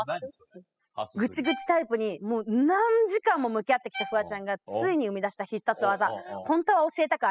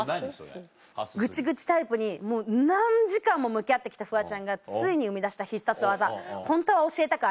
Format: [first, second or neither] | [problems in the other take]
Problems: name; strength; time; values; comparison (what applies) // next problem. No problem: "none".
second | noise reduction (classical method spectral subtraction)